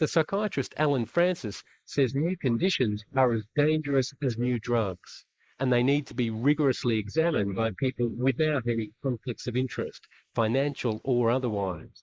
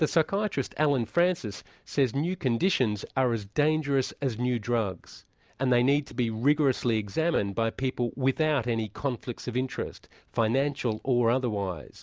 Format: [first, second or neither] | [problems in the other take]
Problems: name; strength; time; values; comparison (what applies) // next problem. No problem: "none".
second | noise reduction (neural mask model Resemble Enhance denoiser)